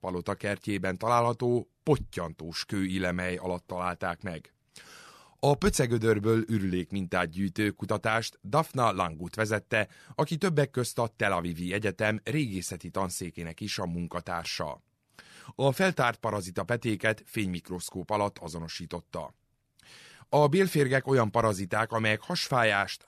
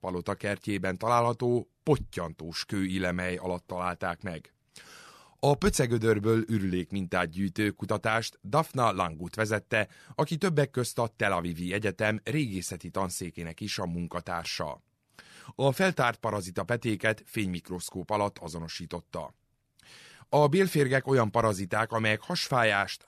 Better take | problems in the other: neither | none

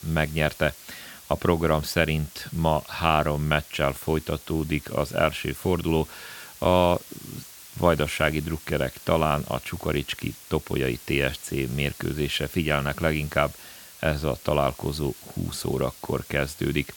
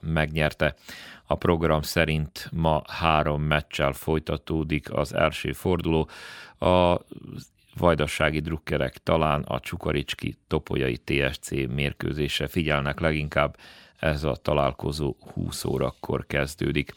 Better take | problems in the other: second | hiss; noticeable; throughout; 15 dB below the speech

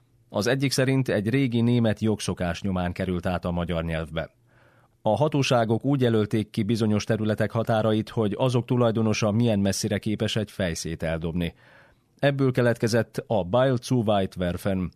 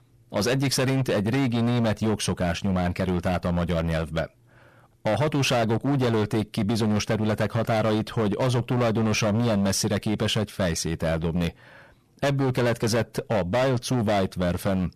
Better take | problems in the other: first | distortion; heavy; 20% of the sound clipped

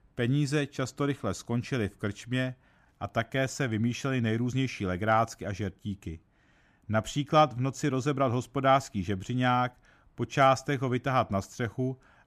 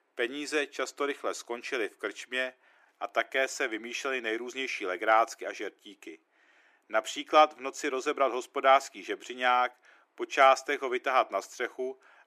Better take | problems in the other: first | thin; very; fading below 350 Hz

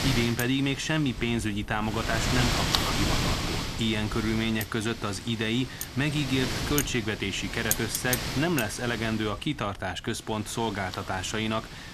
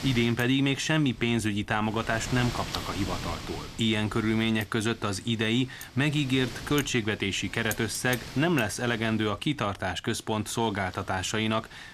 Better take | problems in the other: second | wind noise on the microphone; heavy; 2 dB below the speech; occasional gusts in the second

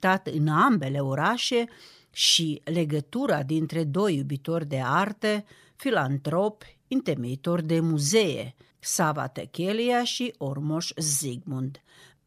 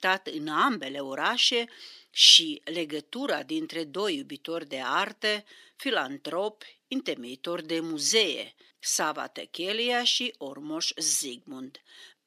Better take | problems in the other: first | thin; somewhat; fading below 300 Hz

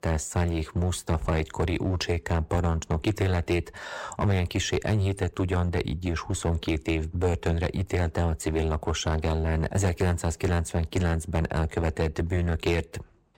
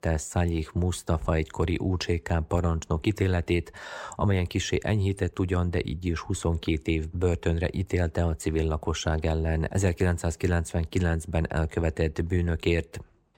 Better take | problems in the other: second | distortion; slight; 8% of the sound clipped

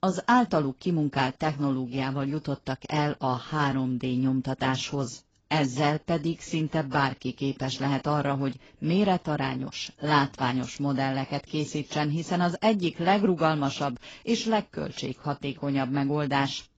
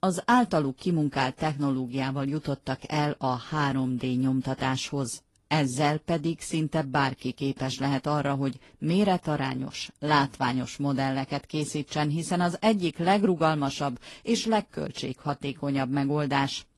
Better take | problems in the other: second | garbled, watery; badly; nothing above 7.5 kHz; slightly in the second

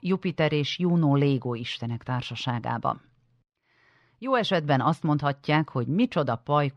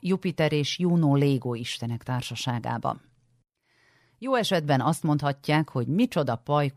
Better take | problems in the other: second | muffled; very slightly; fading above 3.5 kHz

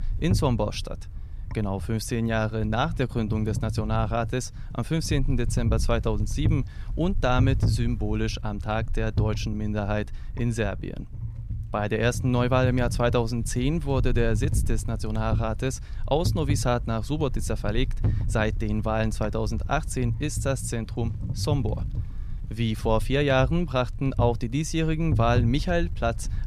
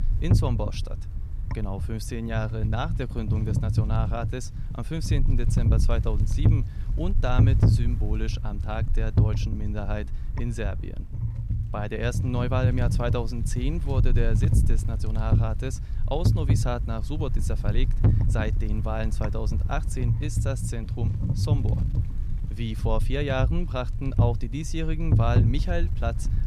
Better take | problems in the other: first | wind noise on the microphone; heavy; 6 dB below the speech; occasional gusts in the first

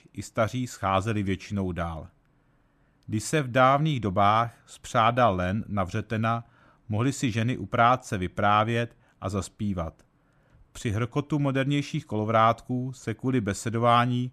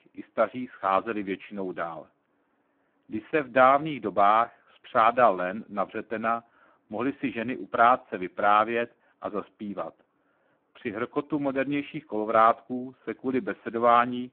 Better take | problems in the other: first | phone-call audio; poor line

